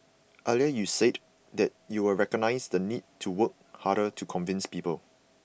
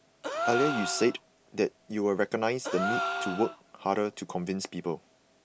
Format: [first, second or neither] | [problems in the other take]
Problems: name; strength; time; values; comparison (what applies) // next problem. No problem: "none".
first | background sound (Gasp); 5 dB below the speech